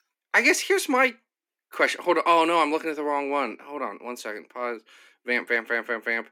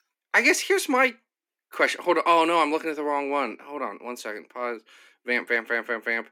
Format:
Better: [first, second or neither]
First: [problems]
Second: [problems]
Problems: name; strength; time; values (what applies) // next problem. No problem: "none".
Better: neither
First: thin; somewhat; fading below 250 Hz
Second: thin; somewhat; fading below 250 Hz